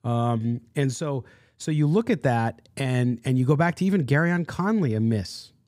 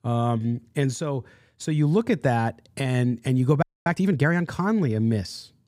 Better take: first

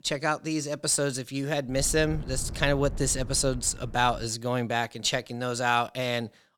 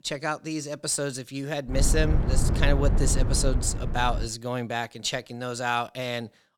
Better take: first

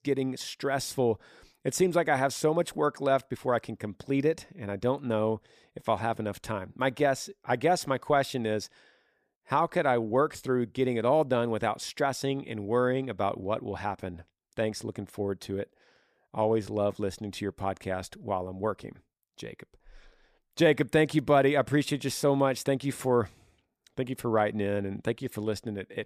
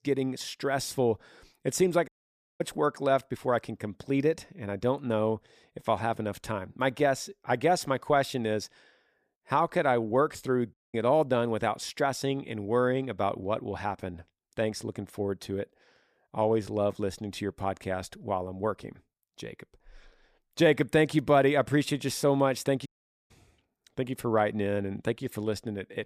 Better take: first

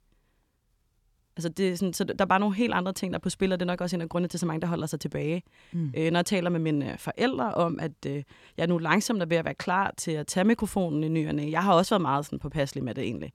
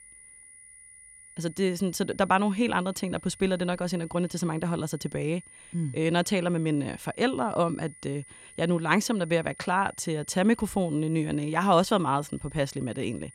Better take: first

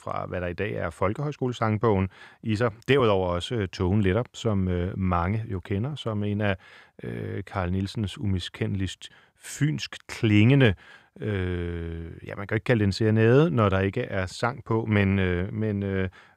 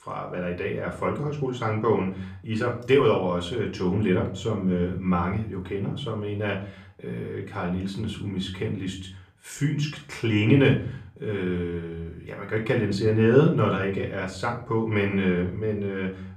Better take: first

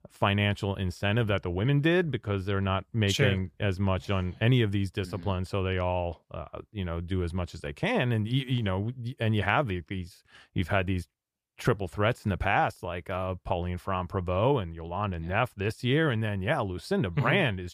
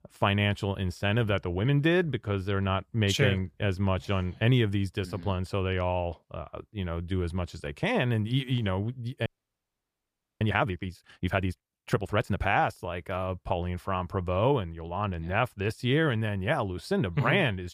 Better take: first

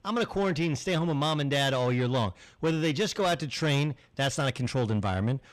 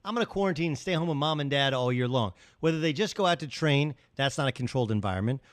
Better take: second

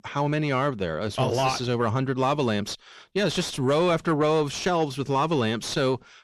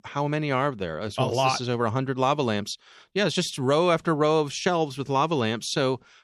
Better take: second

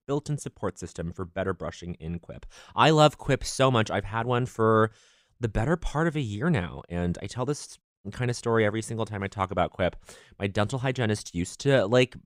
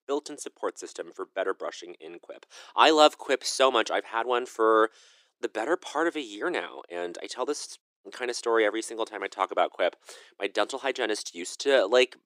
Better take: first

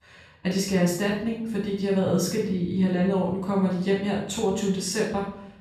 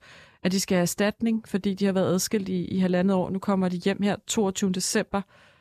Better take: second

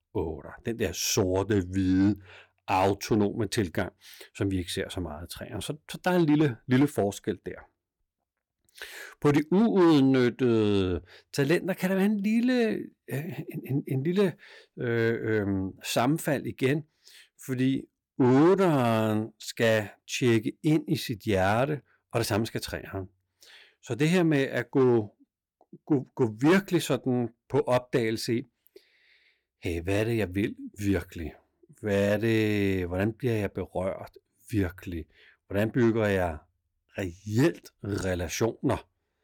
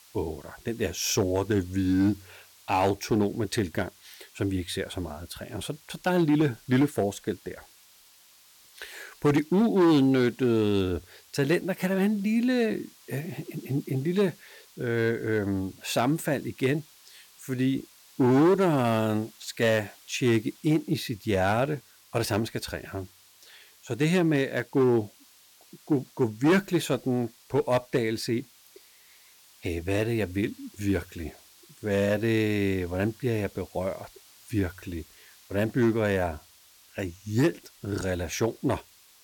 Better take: first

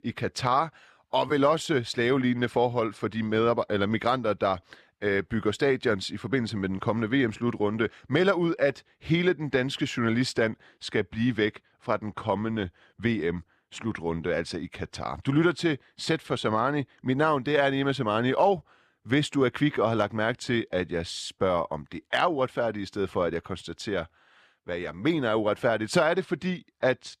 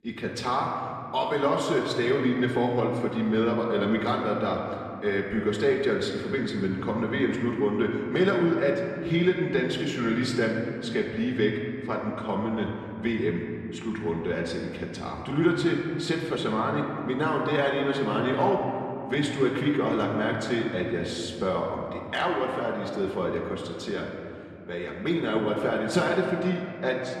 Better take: first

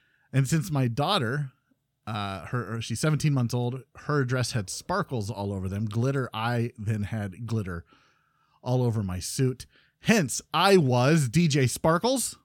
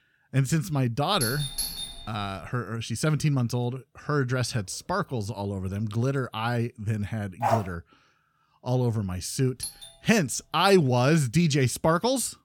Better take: first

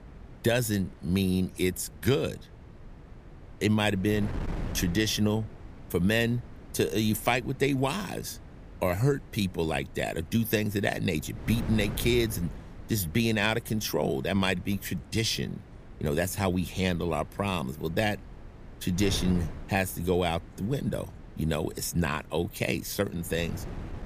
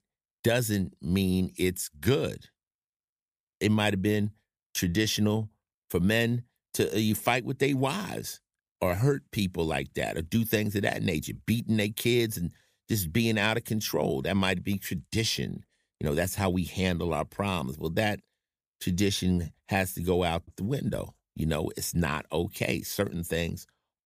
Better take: second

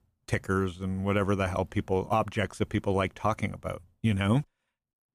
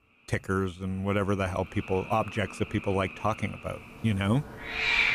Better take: first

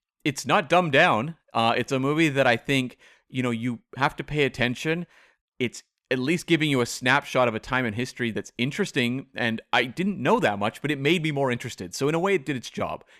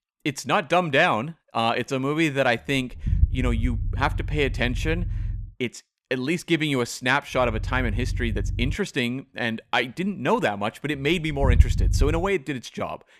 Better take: first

